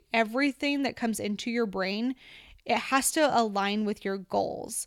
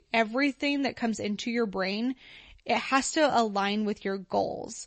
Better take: first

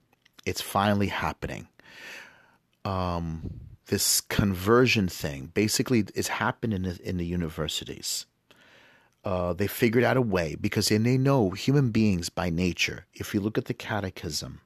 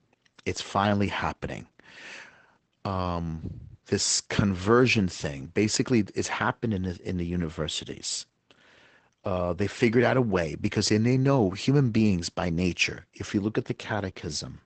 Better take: first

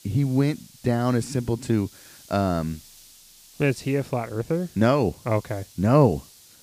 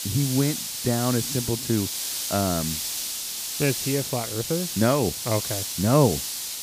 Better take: first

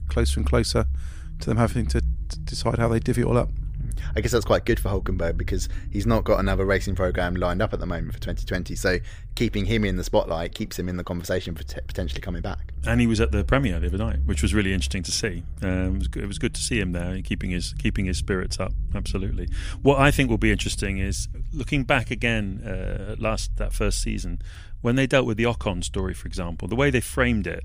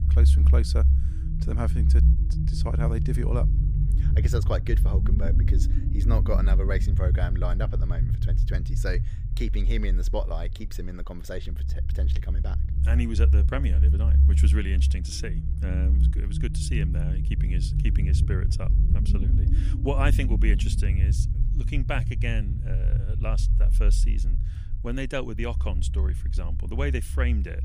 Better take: first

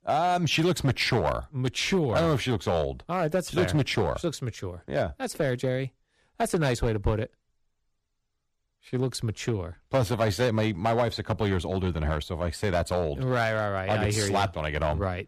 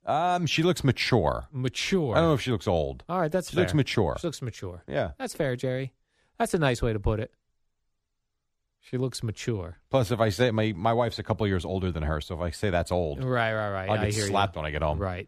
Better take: second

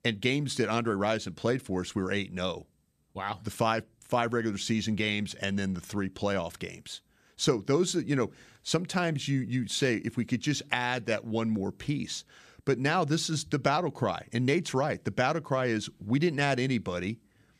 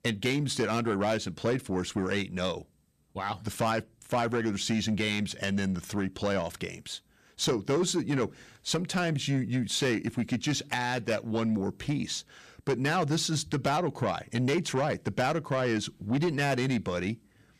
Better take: first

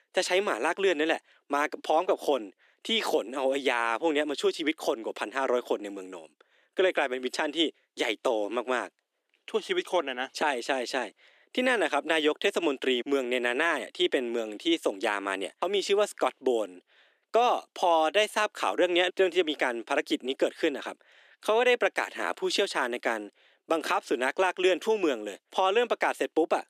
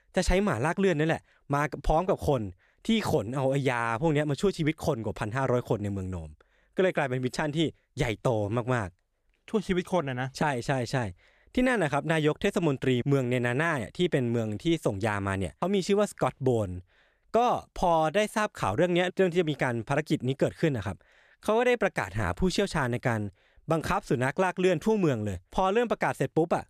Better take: second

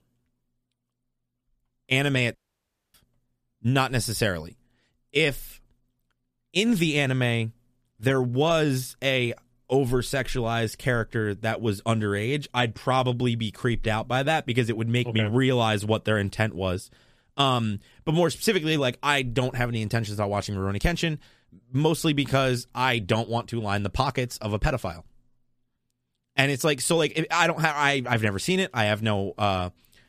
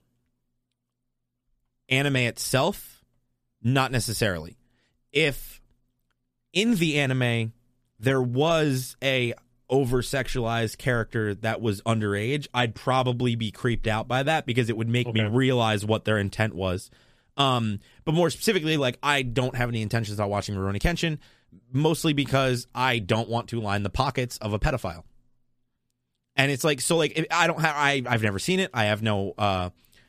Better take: second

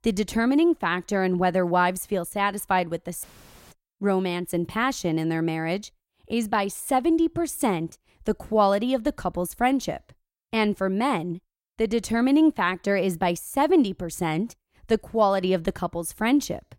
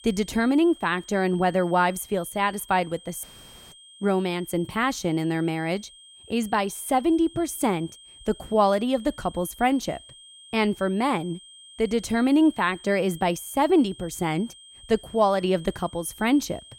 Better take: first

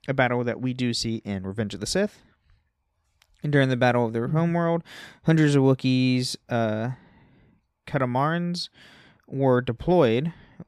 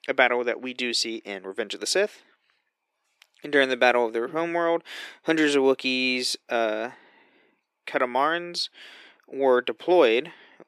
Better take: first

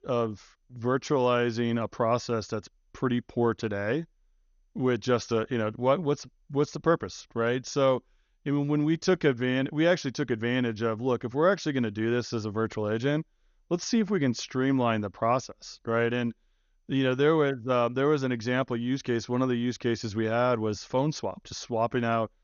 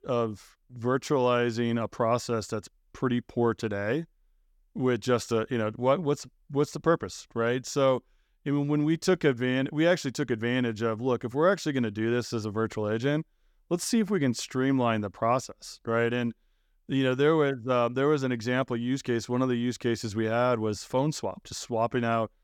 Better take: second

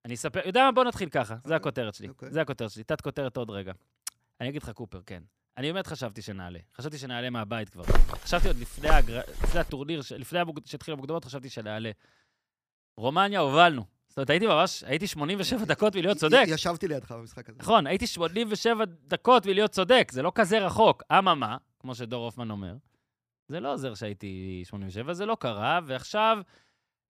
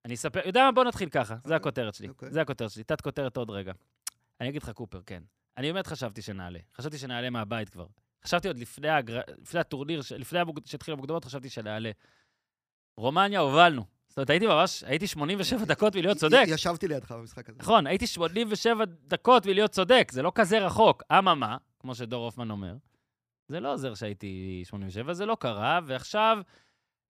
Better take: second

